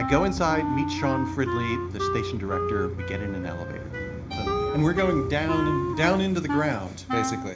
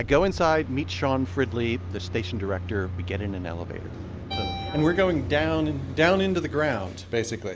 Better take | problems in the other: second | background sound (Wind instrument, woodwind instrument); 3 dB below the speech // room echo; dies away in 0.4 s

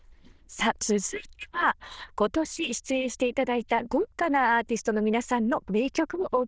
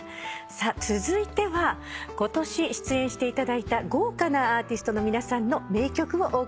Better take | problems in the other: second | noise reduction (neural diffusion model UNIVERSE++)

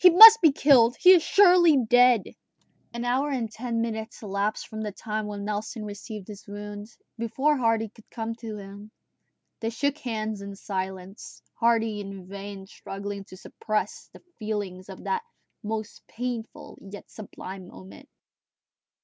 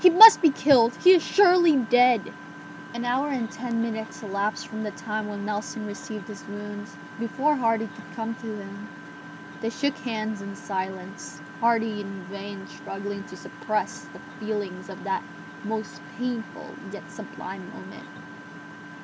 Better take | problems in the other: first | background sound (Engine); 15 dB below the speech

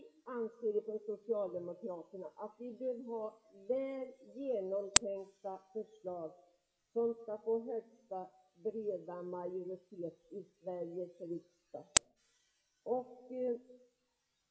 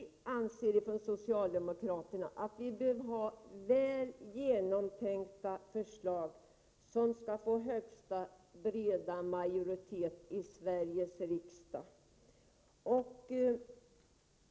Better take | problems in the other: second | noise reduction (classical method WPE with log-MMSE)

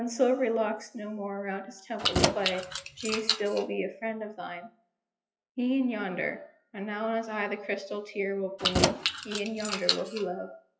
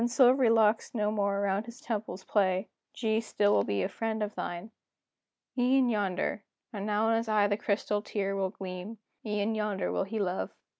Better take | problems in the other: second | noise reduction (classical method WPE with log-MMSE)

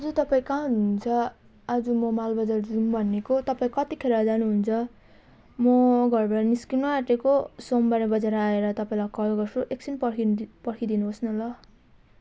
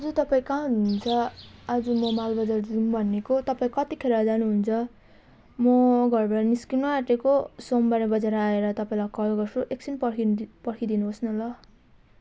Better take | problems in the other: first | background sound (Bird); 18 dB below the speech

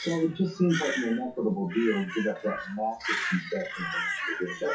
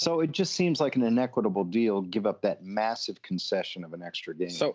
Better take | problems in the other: second | noise reduction (classical method WPE with log-MMSE)

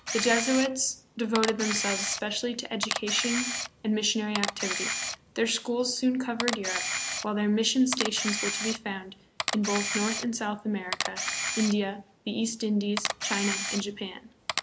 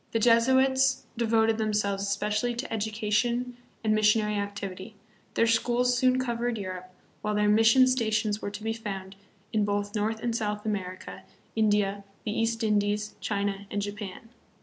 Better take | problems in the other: second | background sound (Camera); 4 dB below the speech

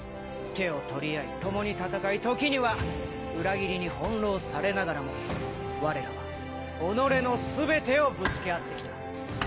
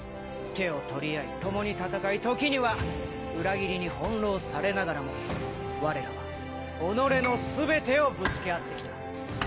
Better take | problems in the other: first | background sound (Piano); 13 dB below the speech

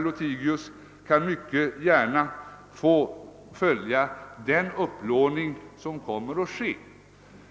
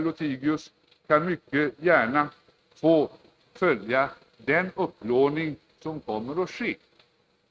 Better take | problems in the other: first | noise reduction (neural mask model RNNoise)

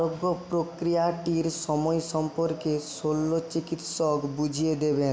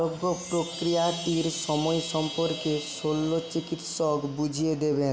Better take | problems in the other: first | background sound (Chime); 12 dB below the speech

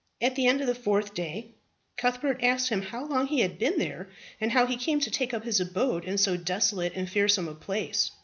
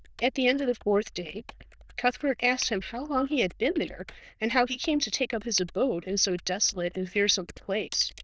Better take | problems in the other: first | noise reduction (neural diffusion model UNIVERSE++)

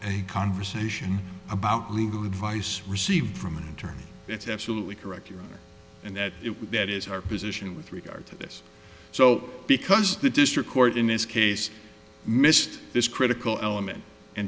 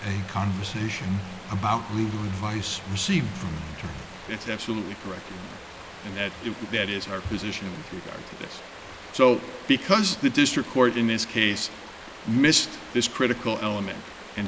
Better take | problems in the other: first | background sound (Stream); 15 dB below the speech

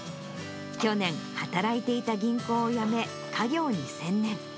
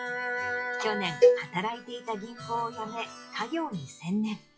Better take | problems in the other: first | noise reduction (classical method log-MMSE)

